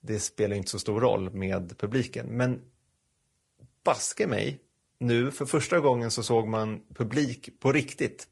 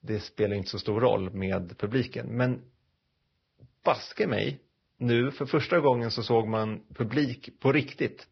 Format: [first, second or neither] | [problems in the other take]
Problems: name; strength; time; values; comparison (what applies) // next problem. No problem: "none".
first | garbled, watery; badly; nothing above 5.5 kHz; slightly in the first